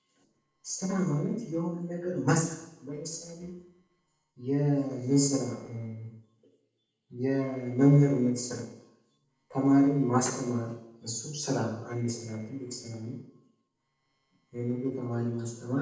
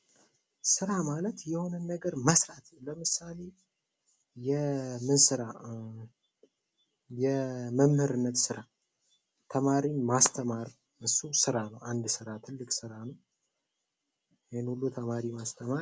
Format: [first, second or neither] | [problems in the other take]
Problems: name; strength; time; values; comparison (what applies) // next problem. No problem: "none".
second | noise reduction (neural separator model SepFormer DNS4)